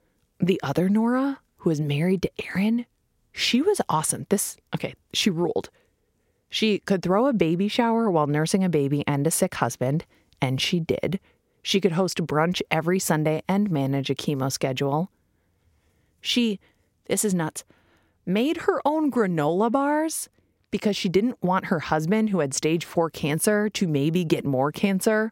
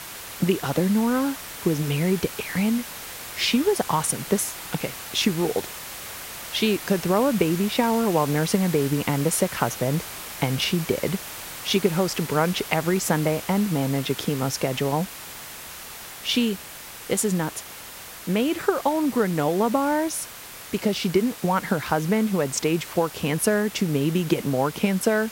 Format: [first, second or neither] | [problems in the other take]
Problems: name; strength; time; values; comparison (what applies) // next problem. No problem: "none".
first | hiss; noticeable; throughout; 10 dB below the speech